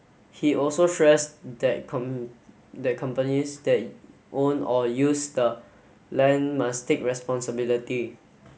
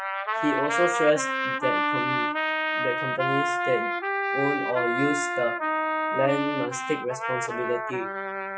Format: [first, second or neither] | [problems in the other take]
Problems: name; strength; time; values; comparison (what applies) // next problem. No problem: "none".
first | noise reduction (classical method Wiener filter)